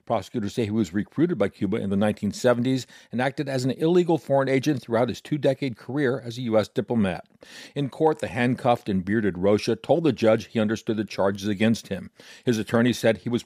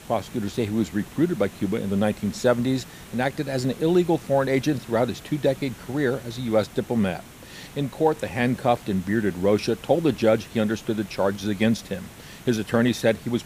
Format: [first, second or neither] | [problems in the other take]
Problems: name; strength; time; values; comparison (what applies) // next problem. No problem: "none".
first | hiss; noticeable; throughout; 20 dB below the speech